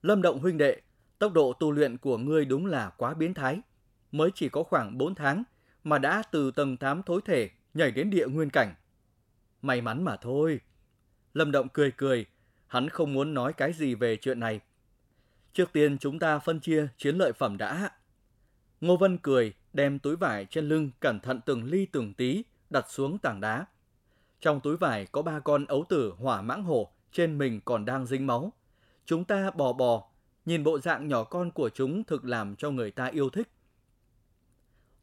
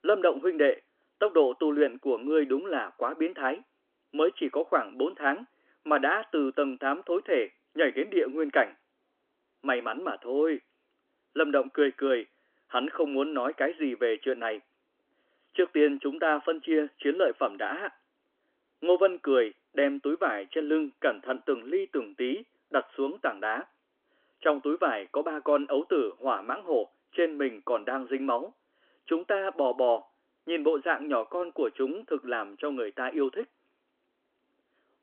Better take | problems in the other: first | phone-call audio; nothing above 3.5 kHz

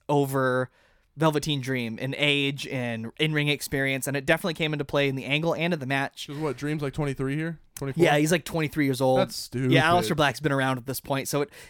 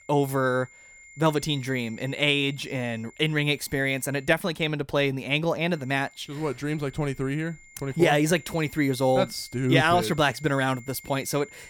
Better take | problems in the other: first | high-pitched whine; faint; until 4.5 s and from 5.5 s on; 2 kHz, 25 dB below the speech

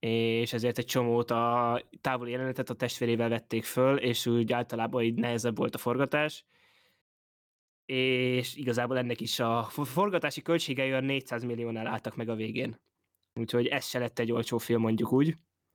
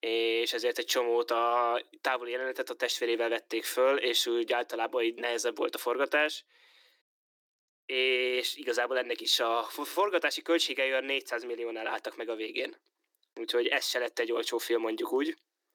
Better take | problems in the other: first | thin; very; fading below 300 Hz

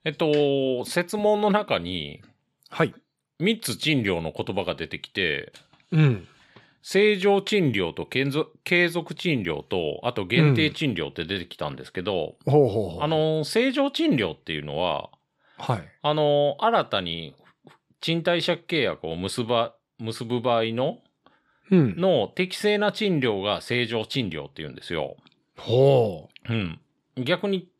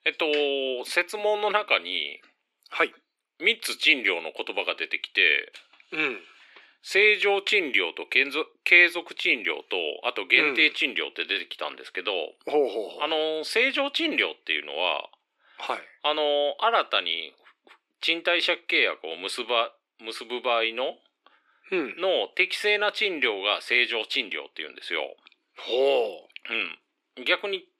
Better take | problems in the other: first | thin; very; fading below 300 Hz

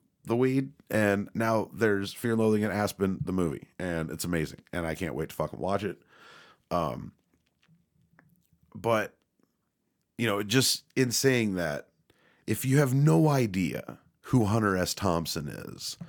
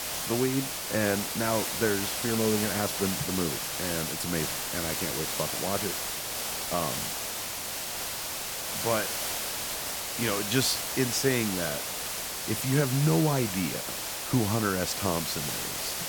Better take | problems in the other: first | hiss; loud; throughout; 1 dB below the speech

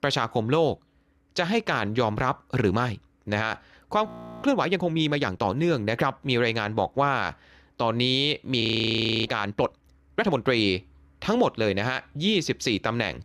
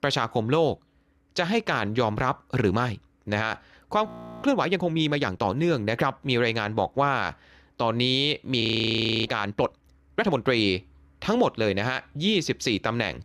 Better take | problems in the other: neither | audio freezing; at 4 s and at 8.5 s for 0.5 s; the same in both

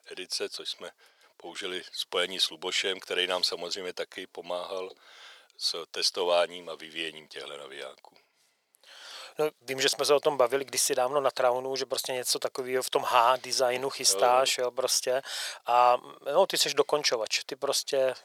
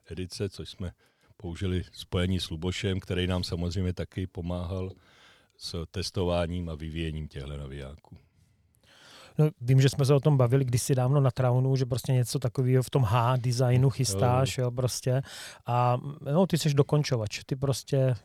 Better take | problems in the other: second | thin; very; fading below 500 Hz

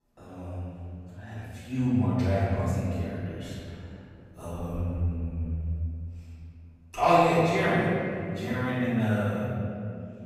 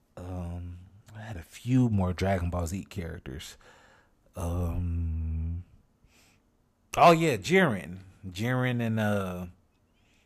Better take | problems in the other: second | off-mic speech; far // room echo; strong; dies away in 2.7 s

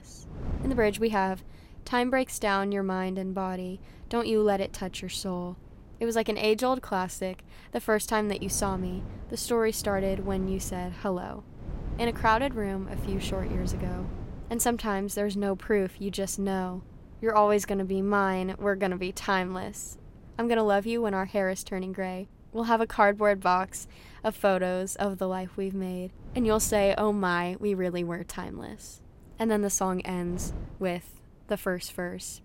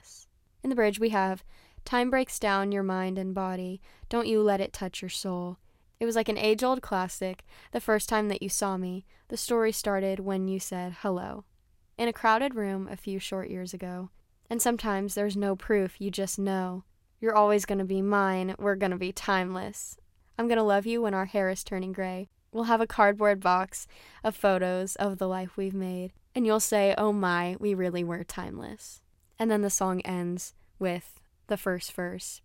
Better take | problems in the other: second | wind noise on the microphone; occasional gusts; 20 dB below the speech

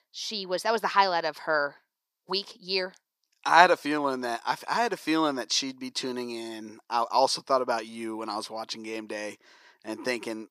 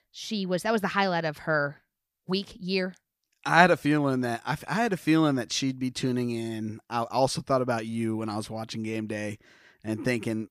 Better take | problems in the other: second | thin; somewhat; fading below 400 Hz

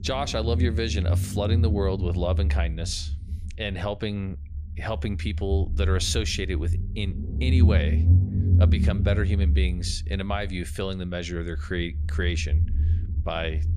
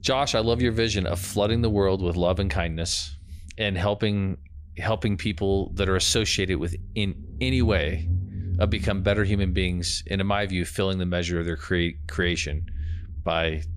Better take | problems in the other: second | low rumble; loud; throughout; 9 dB below the speech; faint in the second

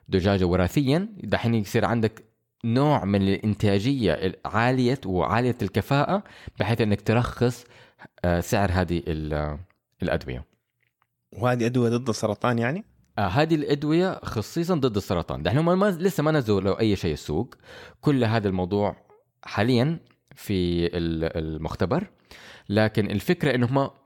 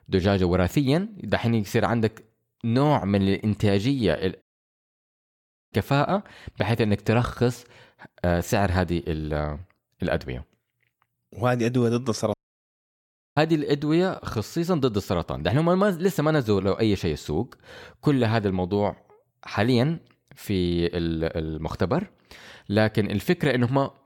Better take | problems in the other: first | audio cutting out; at 4.5 s for 1.5 s and at 12 s for 1 s

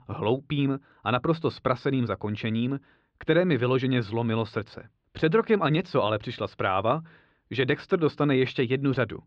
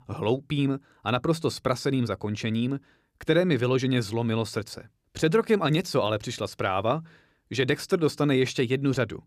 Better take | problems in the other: second | muffled; slightly; fading above 3.5 kHz

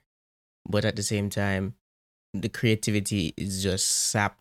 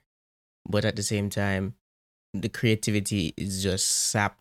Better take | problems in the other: neither | none

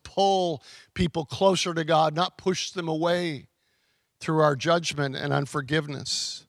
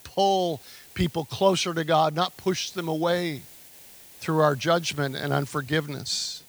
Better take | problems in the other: first | hiss; faint; throughout; 20 dB below the speech

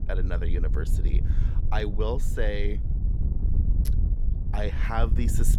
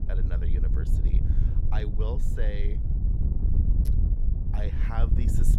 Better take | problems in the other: first | wind noise on the microphone; heavy; 3 dB below the speech; occasional gusts in the first

